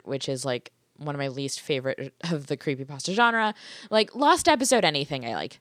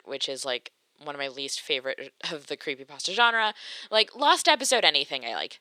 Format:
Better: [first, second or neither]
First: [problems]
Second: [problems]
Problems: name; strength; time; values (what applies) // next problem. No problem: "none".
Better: first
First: none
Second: thin; somewhat; fading below 450 Hz